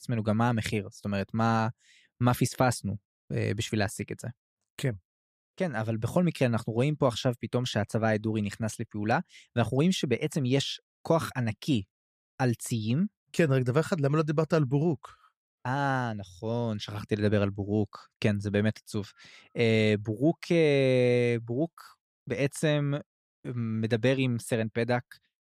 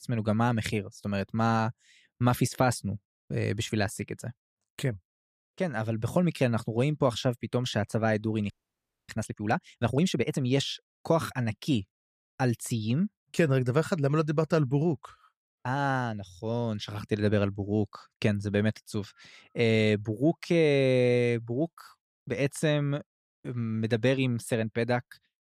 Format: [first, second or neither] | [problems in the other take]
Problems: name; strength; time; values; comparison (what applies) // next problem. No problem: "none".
first | audio freezing; at 8.5 s for 0.5 s